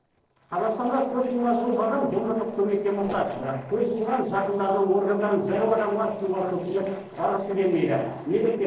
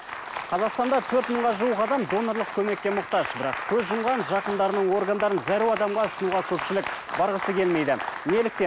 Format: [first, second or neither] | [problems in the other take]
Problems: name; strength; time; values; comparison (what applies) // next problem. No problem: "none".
second | noise reduction (neural separator model SepFormer DNS4)